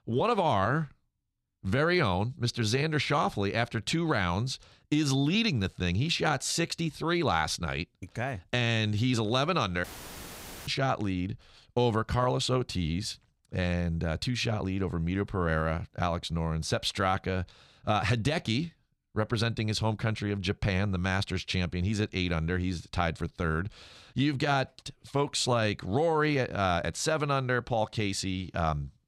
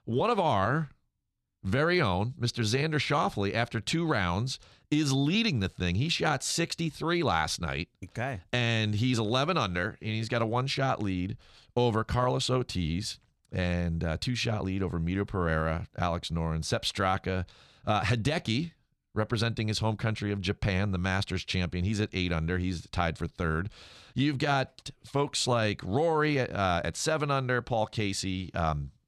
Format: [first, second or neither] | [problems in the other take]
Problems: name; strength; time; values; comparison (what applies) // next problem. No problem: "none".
second | audio cutting out; filled with static; at 10 s for 1 s